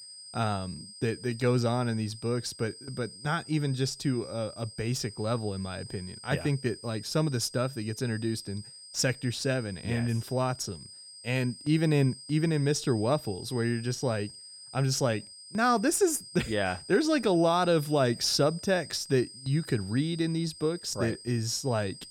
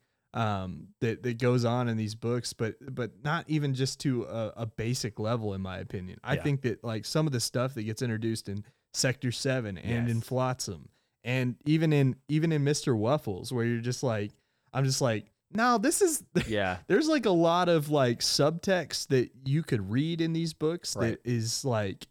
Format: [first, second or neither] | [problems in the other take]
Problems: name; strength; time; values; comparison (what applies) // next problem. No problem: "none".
second | high-pitched whine; noticeable; throughout; 5 kHz, 15 dB below the speech